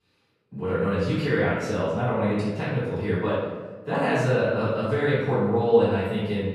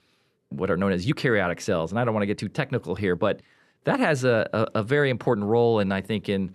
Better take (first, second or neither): second